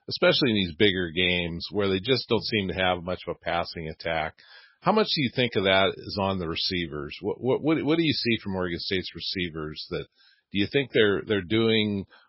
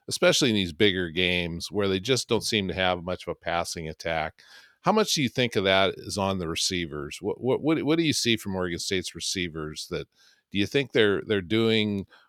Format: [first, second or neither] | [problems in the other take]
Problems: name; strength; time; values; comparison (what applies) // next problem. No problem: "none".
second | garbled, watery; badly; nothing above 5.5 kHz